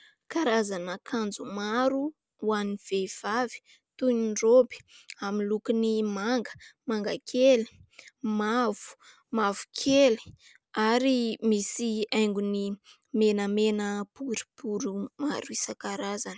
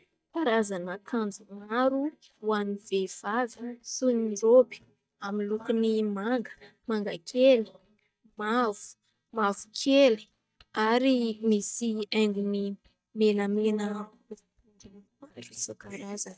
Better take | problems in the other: first | noise reduction (neural mask model DeepFilterNet 3)

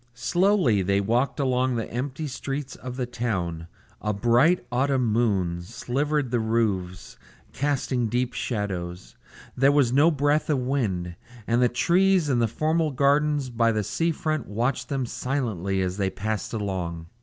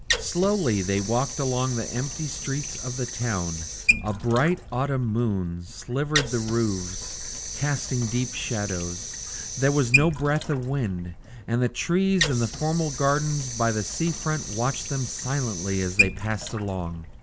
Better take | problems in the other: first | background sound (Sink (filling or washing) / Water); 5 dB below the speech

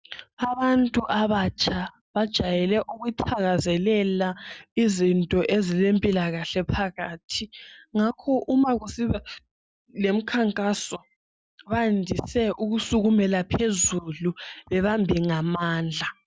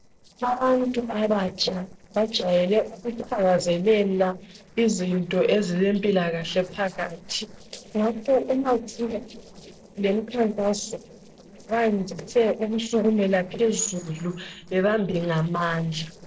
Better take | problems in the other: first | noise reduction (neural separator model SepFormer DNS4)

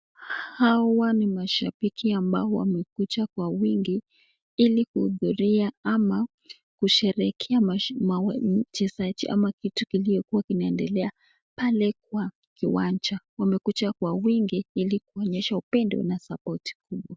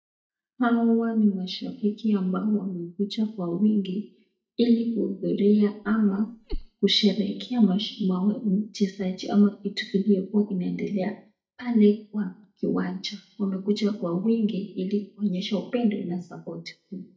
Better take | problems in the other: first | noise reduction (neural mask model DeepFilterNet 3)

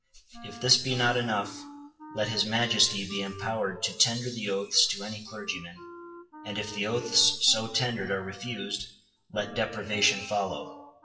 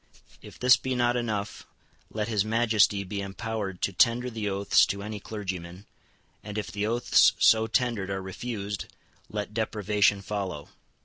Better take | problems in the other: second | noise reduction (classical method WPE with log-MMSE)

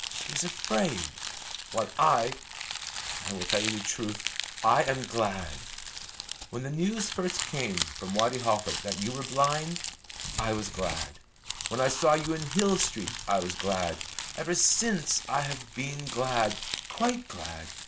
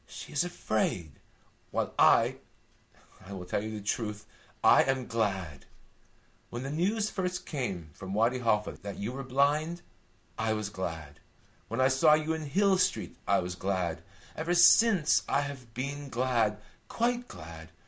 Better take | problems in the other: second | background sound (Crumpling, crinkling); 7 dB below the speech

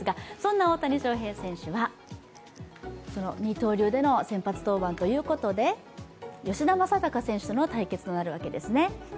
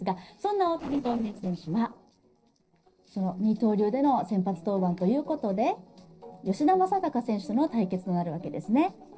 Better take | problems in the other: first | noise reduction (neural separator model SepFormer DNS4)

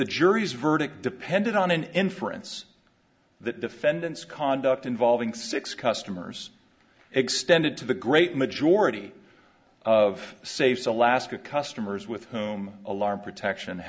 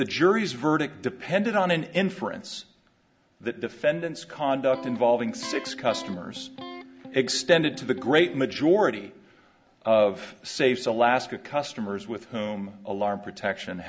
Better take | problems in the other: first | background sound (Electric guitar); 14 dB below the speech

